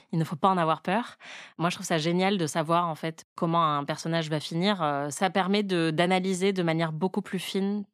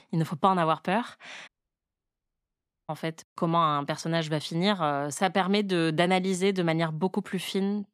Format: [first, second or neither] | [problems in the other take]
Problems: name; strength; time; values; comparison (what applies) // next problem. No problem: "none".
first | audio cutting out; at 1.5 s for 1.5 s